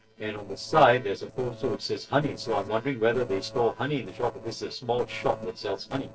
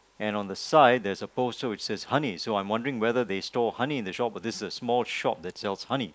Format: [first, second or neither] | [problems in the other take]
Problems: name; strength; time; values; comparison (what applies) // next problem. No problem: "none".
second | noise reduction (neural separator model SepFormer DNS4)